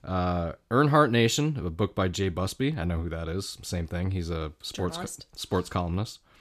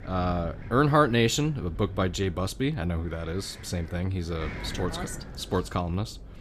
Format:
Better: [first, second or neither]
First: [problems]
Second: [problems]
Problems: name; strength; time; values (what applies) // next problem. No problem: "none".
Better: first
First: none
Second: wind noise on the microphone; occasional gusts; 15 dB below the speech